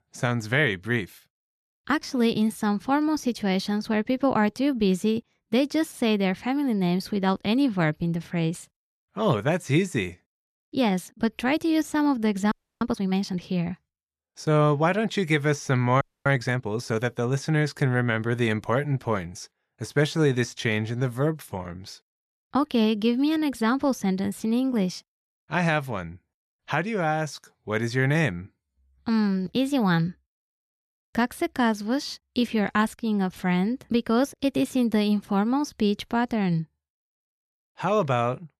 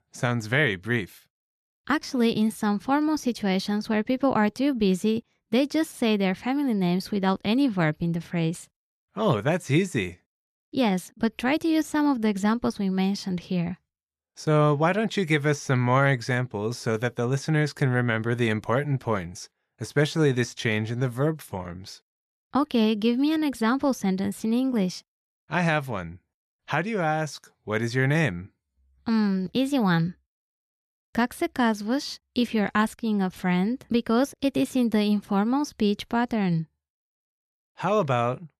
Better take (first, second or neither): second